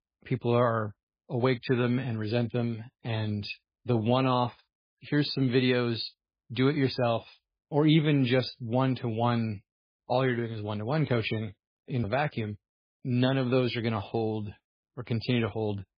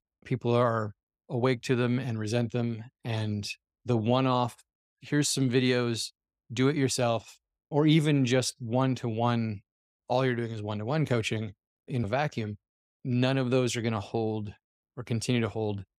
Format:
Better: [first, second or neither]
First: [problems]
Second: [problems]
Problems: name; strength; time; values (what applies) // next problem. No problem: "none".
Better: second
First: garbled, watery; badly; nothing above 4.5 kHz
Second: none